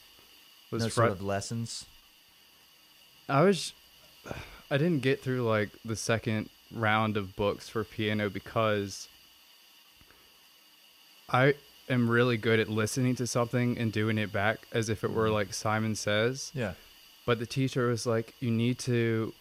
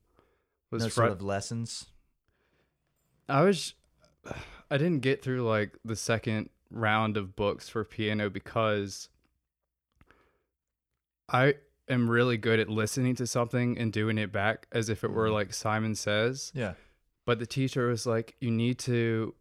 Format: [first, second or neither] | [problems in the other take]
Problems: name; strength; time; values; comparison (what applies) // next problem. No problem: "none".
second | hiss; faint; throughout; 25 dB below the speech